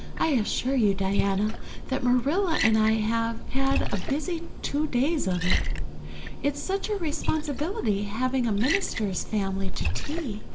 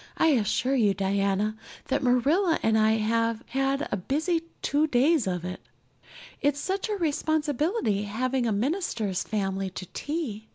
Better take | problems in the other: second | background sound (Liquid); 1 dB above the speech // room echo; dies away in 0.5 s

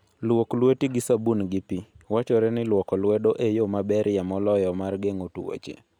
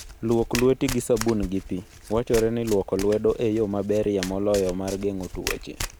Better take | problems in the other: first | background sound (Domestic sounds, home sounds); 11 dB below the speech

